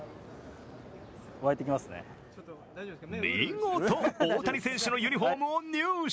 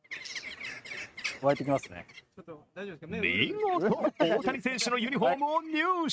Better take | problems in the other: first | noise reduction (neural mask model RNNoise)

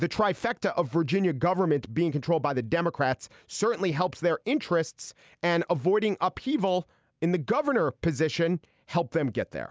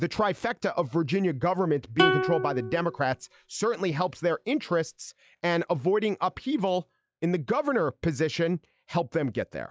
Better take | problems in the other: first | noise reduction (classical method log-MMSE)

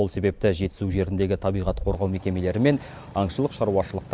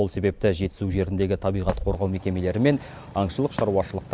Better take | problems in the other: first | background sound (Wood); 18 dB below the speech

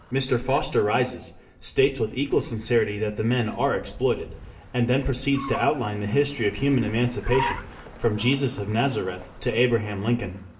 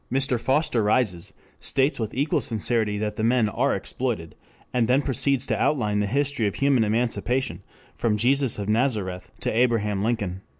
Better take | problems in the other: second | background sound (Car); 15 dB below the speech // room echo; dies away in 0.6 s

